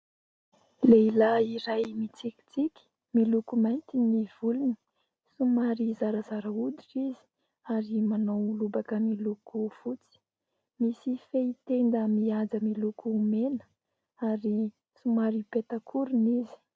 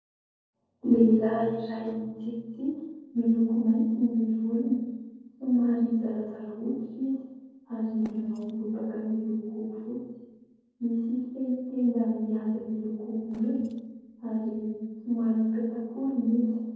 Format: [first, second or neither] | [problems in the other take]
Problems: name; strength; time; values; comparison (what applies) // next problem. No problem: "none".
first | noise reduction (neural separator model SepFormer DNS4)